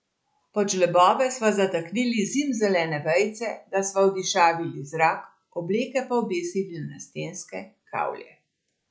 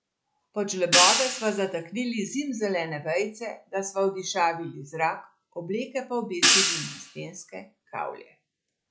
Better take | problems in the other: first | background sound (Hi-hat); 3 dB above the speech

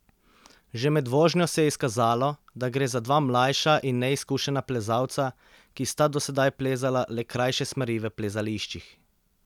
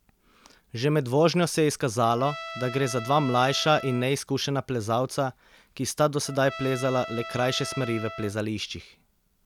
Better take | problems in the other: first | background sound (Trumpet); 14 dB below the speech

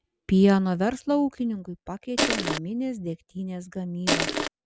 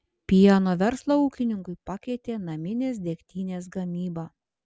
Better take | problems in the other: second | background sound (Crushing); 2 dB above the speech

